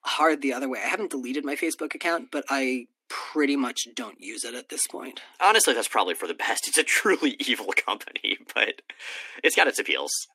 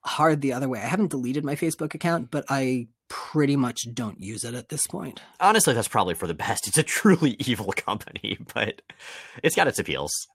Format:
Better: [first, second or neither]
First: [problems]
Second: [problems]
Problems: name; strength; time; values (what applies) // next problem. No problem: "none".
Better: second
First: thin; very slightly; fading below 250 Hz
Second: none